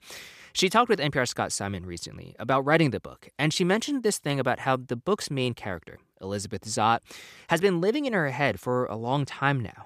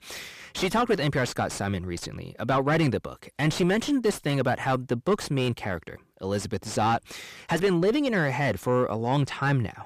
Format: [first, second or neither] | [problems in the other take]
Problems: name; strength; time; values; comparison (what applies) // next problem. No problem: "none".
first | distortion; heavy; 7 dB below the speech